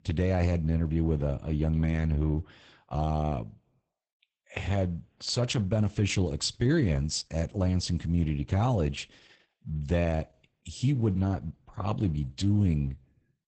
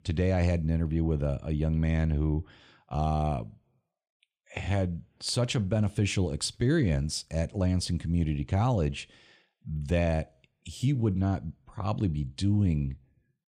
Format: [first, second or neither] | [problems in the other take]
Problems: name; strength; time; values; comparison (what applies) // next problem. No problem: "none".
second | garbled, watery; badly; nothing above 8 kHz